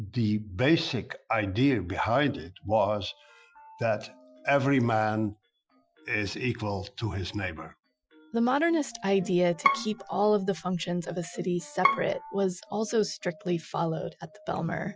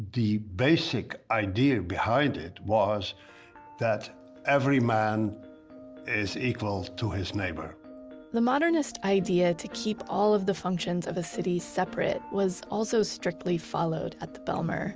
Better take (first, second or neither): second